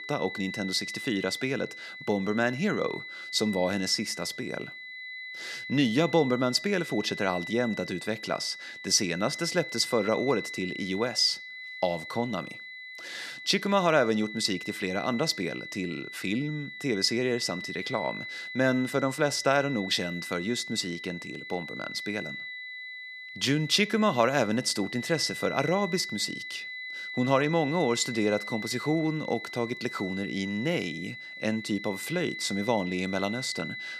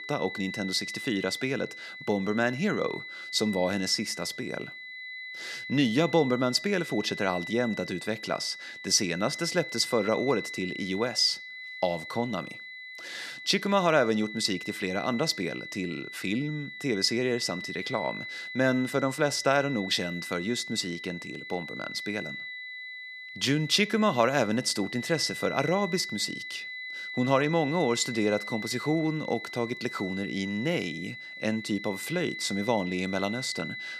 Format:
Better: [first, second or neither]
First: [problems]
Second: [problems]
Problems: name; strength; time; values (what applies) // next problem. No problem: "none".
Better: neither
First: high-pitched whine; loud; throughout; 2 kHz, 9 dB below the speech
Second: high-pitched whine; loud; throughout; 2 kHz, 9 dB below the speech